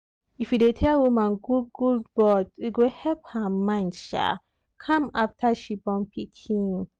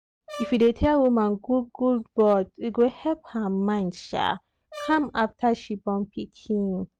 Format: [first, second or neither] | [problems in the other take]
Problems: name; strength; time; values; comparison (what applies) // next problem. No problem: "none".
first | background sound (Brass instrument); 16 dB below the speech